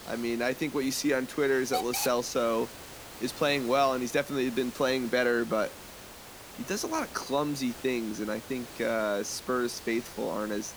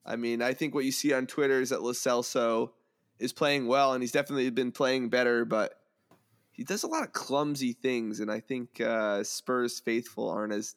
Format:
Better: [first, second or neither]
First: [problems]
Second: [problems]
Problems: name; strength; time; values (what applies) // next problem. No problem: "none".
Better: second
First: hiss; noticeable; throughout; 10 dB below the speech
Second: none